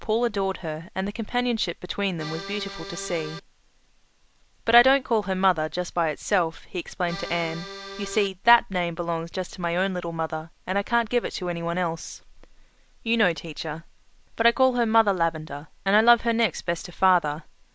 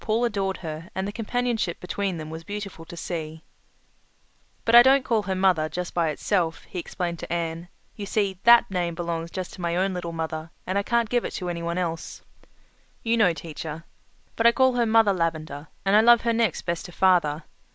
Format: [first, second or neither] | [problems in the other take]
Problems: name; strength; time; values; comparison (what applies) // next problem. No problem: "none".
second | background sound (Accordion); 12 dB below the speech